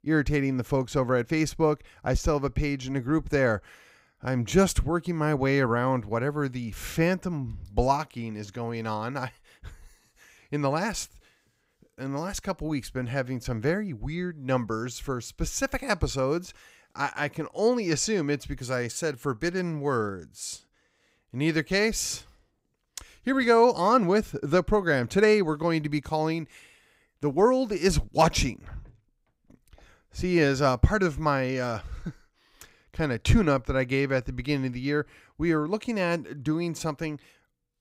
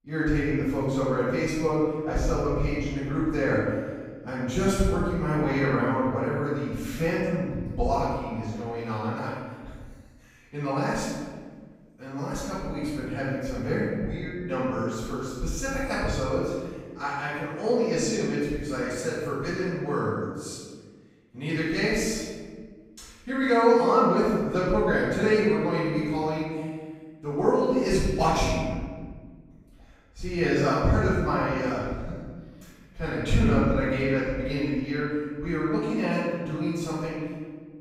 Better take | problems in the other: first | off-mic speech; far // room echo; strong; dies away in 1.4 s

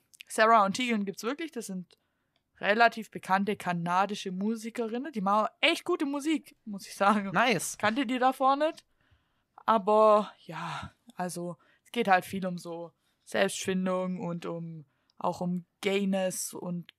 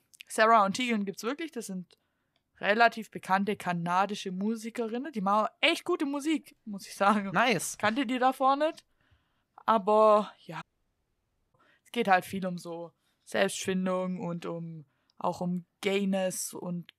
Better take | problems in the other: first | audio cutting out; at 11 s for 1 s

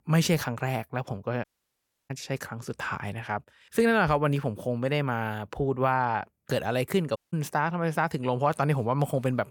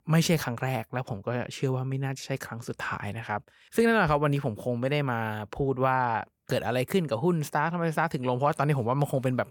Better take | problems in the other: second | audio cutting out; at 1.5 s for 0.5 s and at 7 s

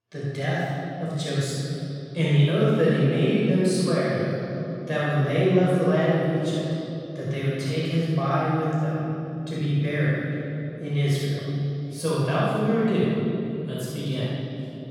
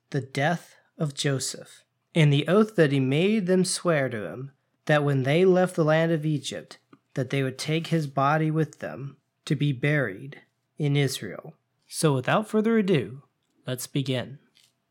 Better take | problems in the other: second | off-mic speech; far // room echo; strong; dies away in 3 s

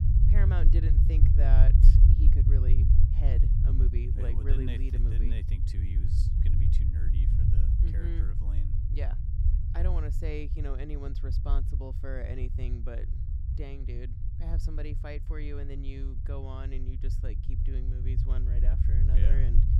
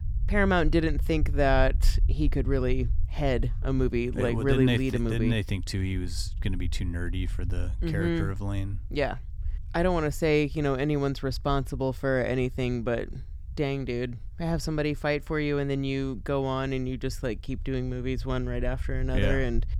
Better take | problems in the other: second | low rumble; loud; throughout; 1 dB below the speech; faint in the second

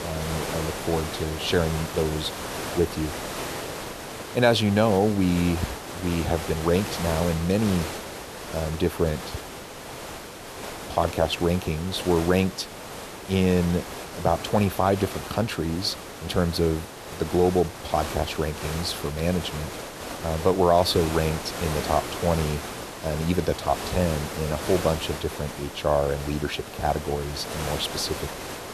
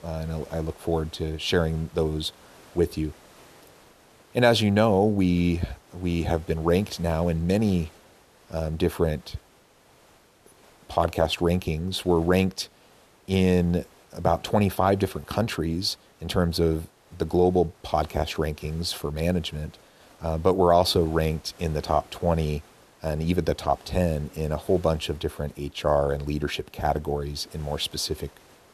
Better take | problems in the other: second | hiss; loud; throughout; 8 dB below the speech; faint in the second

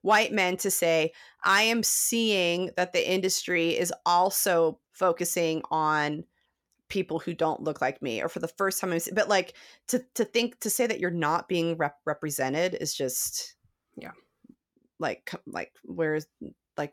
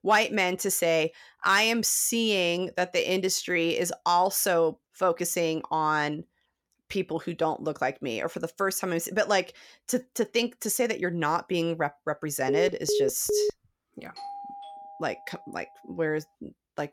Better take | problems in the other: first | phone ringing; noticeable; from 12 to 14 s; peak 1 dB below the speech // doorbell; faint; from 14 to 16 s; peak 10 dB below the speech

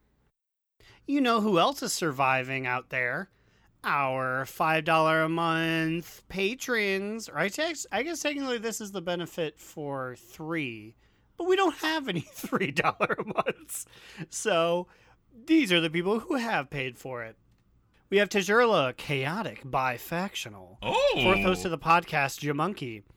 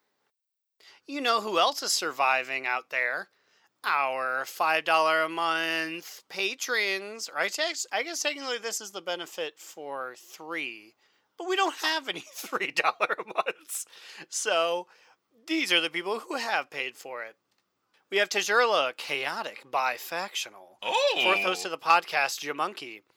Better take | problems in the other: first | thin; somewhat; fading below 500 Hz

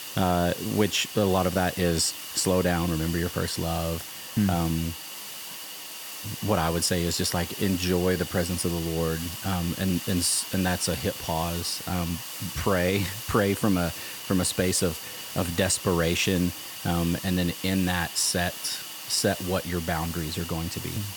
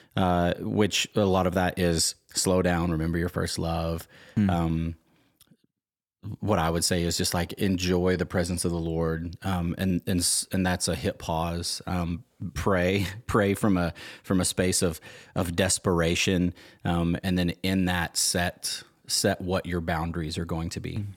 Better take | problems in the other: second | hiss; loud; throughout; 8 dB below the speech

